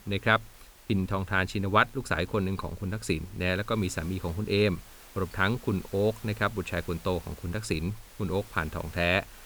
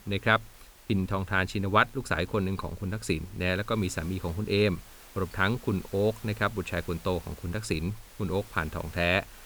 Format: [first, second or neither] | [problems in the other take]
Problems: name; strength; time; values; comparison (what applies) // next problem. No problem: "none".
neither | hiss; faint; throughout; 20 dB below the speech; the same in both